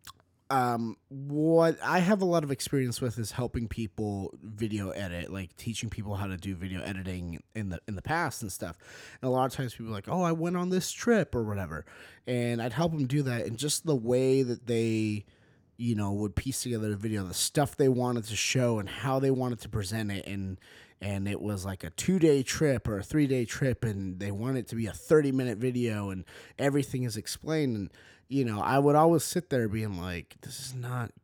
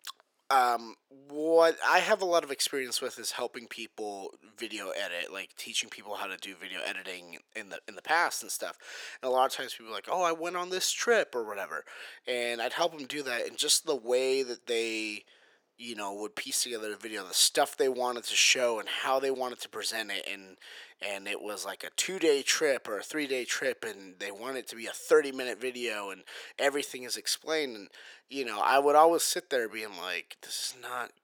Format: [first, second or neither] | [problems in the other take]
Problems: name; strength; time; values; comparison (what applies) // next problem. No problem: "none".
first | thin; very; fading below 450 Hz